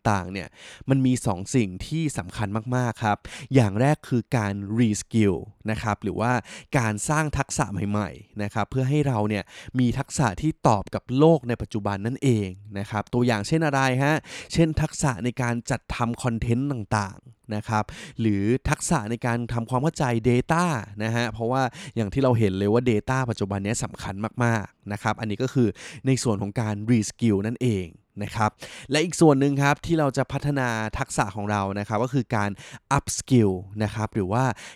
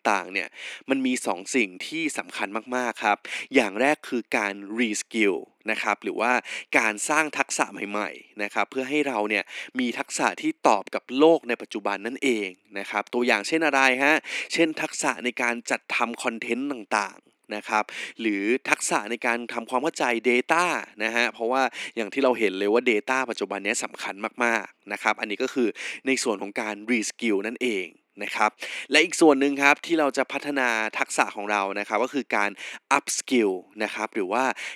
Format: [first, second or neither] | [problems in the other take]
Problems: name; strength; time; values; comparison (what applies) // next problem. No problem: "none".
first | thin; somewhat; fading below 250 Hz